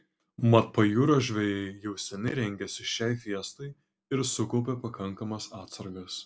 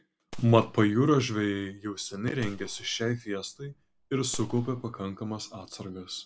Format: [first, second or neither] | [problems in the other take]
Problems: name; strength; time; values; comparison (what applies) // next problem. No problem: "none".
first | background sound (Gunshot, gunfire); 17 dB below the speech